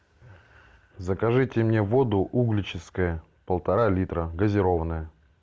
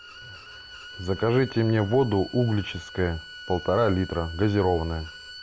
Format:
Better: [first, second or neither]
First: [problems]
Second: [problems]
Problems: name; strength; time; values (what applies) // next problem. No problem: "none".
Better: first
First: none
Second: background sound (Bowed string instrument); 17 dB below the speech